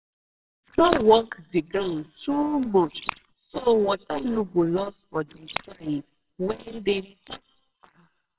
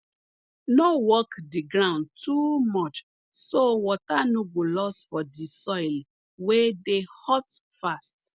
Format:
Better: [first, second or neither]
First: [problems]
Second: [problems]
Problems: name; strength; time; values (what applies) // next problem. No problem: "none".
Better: second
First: noise reduction (neural separator model SepFormer WHAMR!)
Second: none